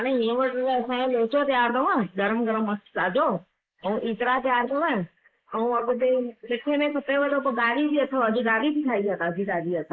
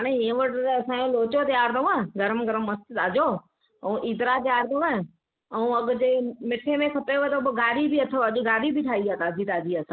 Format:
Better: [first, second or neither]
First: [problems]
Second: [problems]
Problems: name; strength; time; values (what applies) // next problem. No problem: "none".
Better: second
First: noise reduction (neural mask model Resemble Enhance denoiser)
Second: none